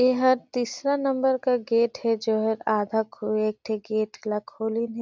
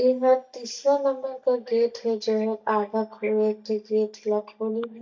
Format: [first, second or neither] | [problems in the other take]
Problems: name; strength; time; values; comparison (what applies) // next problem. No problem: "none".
first | noise reduction (neural mask model DeepFilterNet 3)